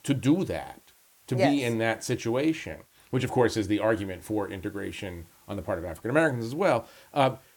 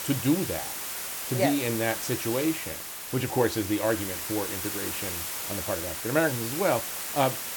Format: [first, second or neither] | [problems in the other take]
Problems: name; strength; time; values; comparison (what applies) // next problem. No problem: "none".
first | hiss; loud; throughout; 3 dB below the speech; faint in the first